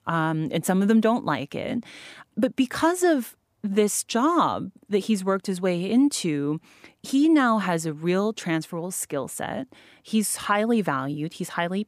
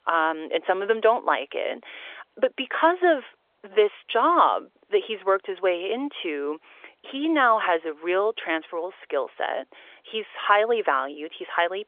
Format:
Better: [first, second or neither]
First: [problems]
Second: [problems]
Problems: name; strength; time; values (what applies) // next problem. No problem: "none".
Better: first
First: none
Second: phone-call audio; nothing above 3.5 kHz